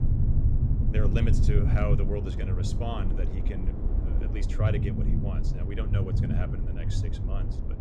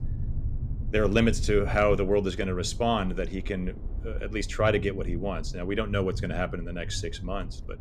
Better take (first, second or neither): second